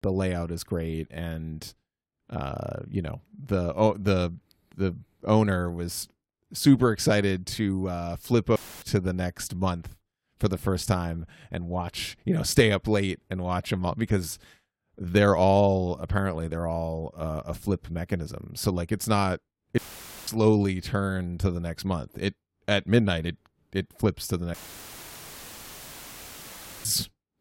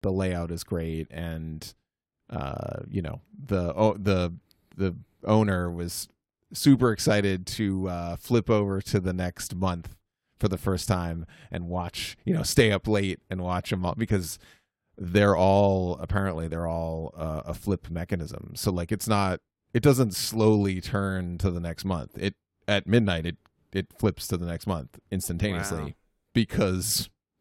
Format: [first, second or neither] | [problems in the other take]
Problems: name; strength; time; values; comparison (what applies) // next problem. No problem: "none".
second | audio cutting out; filled with static; at 8.5 s, at 20 s and at 25 s for 2.5 s